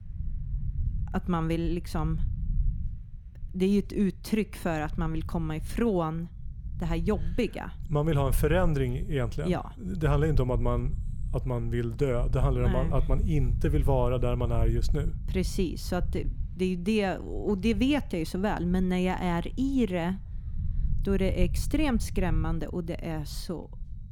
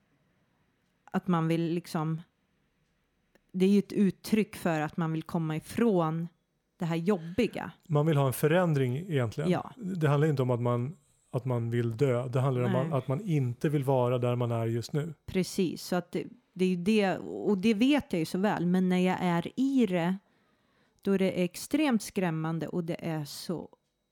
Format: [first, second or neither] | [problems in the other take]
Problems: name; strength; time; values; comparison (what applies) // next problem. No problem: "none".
second | low rumble; noticeable; throughout; 20 dB below the speech